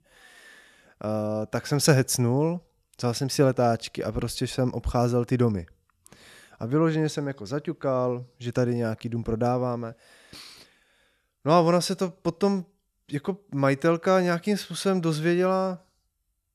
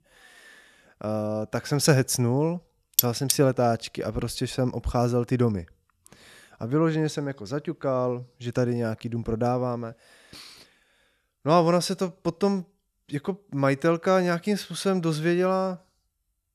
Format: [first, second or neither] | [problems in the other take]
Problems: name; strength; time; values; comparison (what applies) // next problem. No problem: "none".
first | clattering dishes; loud; at 3 s; peak 3 dB above the speech